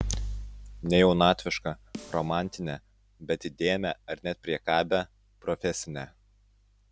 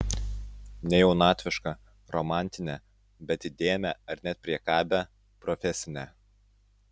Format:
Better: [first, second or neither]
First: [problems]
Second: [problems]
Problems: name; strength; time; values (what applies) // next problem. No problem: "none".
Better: second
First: background sound (Snare drum); 20 dB below the speech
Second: none